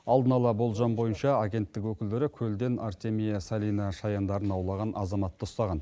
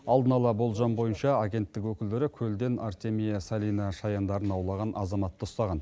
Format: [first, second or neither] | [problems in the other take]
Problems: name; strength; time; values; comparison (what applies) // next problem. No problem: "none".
second | noise reduction (neural mask model Resemble Enhance denoiser)